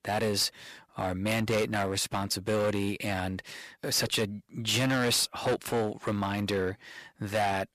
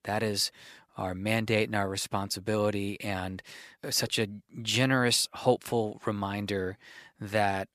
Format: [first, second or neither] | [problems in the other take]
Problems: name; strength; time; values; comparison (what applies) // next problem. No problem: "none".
second | distortion; heavy; 9% of the sound clipped